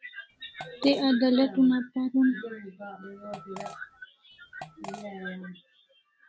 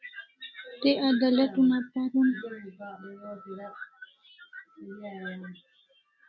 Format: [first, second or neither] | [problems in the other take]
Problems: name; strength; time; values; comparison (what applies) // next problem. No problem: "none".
second | background sound (Fart); 17 dB below the speech